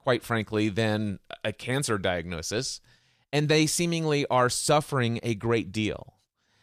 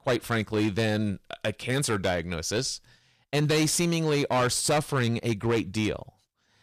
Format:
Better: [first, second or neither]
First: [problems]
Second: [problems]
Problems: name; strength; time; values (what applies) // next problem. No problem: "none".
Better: first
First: none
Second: distortion; slight; 8% of the sound clipped